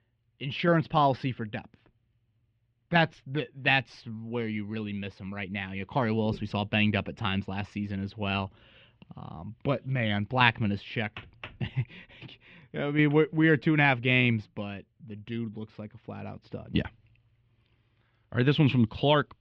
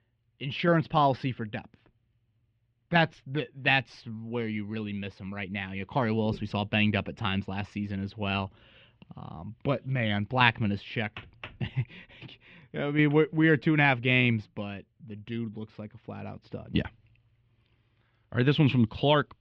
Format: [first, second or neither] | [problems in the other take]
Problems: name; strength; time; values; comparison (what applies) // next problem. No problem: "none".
neither | muffled; very; fading above 3 kHz; the same in both